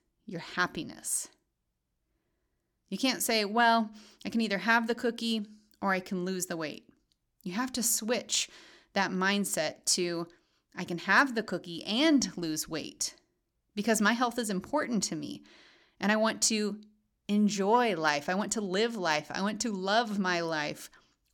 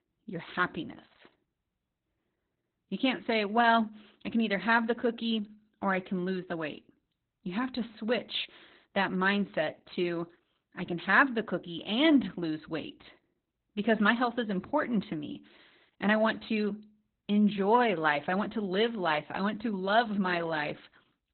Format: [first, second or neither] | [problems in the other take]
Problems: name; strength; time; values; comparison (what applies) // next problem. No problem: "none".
first | garbled, watery; badly; nothing above 4 kHz